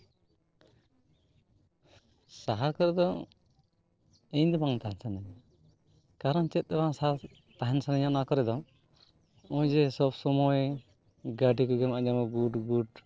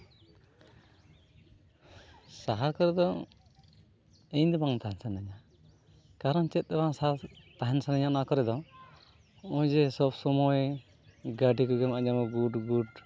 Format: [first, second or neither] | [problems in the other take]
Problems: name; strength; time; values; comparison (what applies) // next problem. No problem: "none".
second | noise reduction (neural separator model SepFormer DNS4)